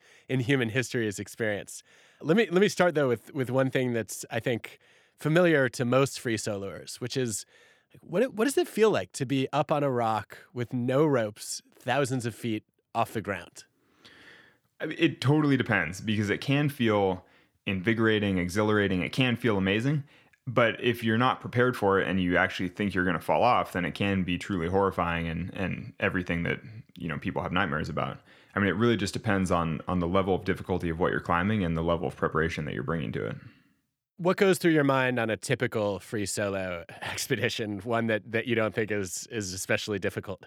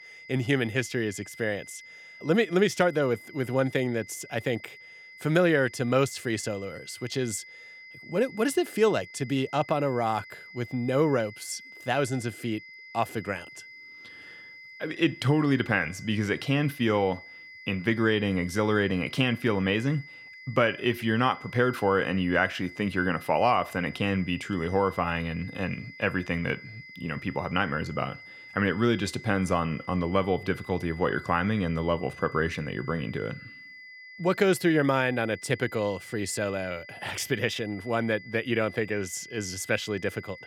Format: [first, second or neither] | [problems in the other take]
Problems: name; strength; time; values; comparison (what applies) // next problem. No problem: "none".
first | high-pitched whine; noticeable; throughout; 2 kHz, 15 dB below the speech